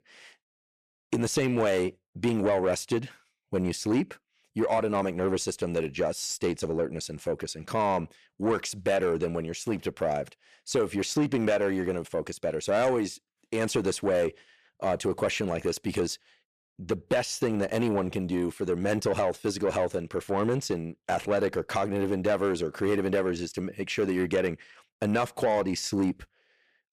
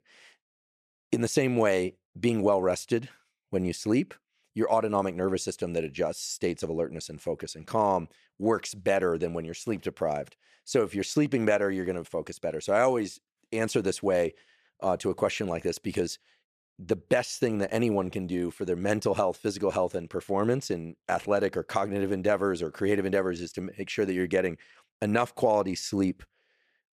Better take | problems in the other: second | distortion; slight; 10 dB below the speech

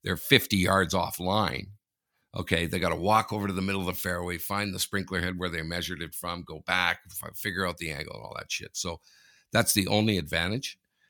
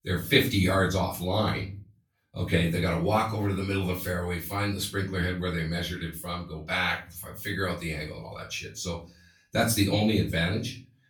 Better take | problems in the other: first | off-mic speech; far // room echo; slight; dies away in 0.3 s

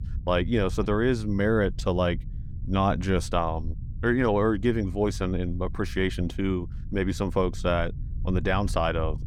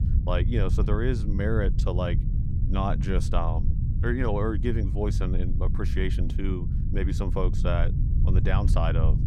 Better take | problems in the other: first | low rumble; loud; throughout; 9 dB below the speech; faint in the first

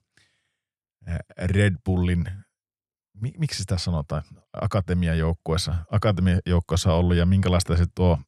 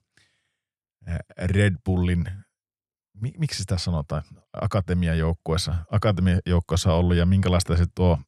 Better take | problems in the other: neither | none

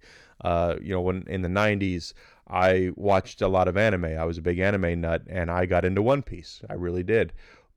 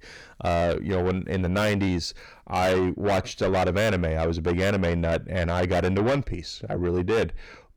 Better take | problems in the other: first | distortion; heavy; 6 dB below the speech

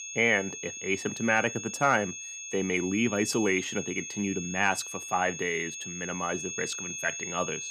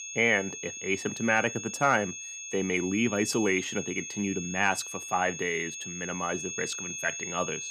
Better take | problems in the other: neither | high-pitched whine; loud; throughout; 6.5 kHz, 7 dB below the speech; the same in both

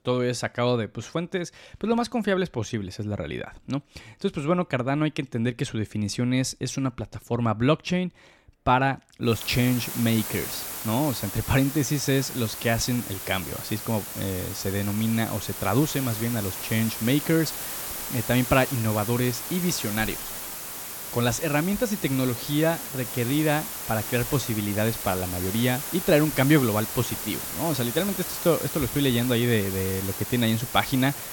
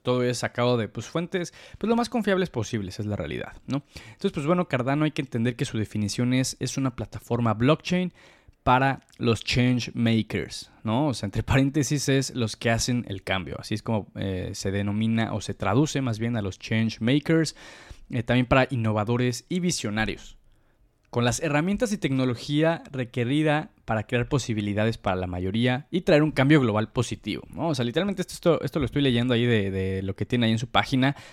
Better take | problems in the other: second | hiss; loud; from 9.5 s on; 6 dB below the speech

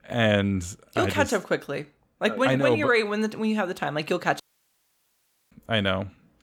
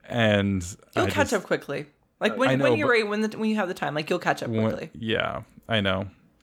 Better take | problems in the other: second | audio cutting out; at 4.5 s for 1 s

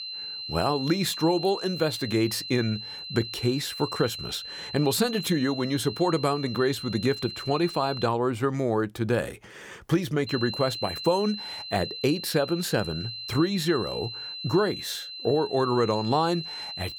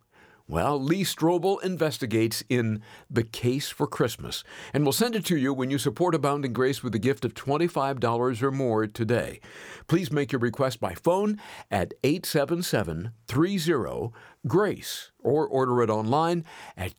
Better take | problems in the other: second | high-pitched whine; loud; until 8 s and from 10 s on; 4 kHz, 8 dB below the speech

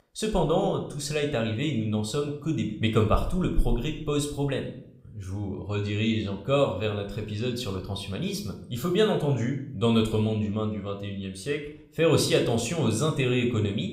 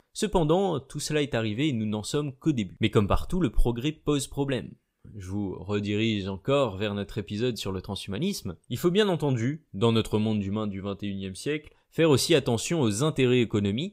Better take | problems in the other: second | room echo; slight; dies away in 0.5 s

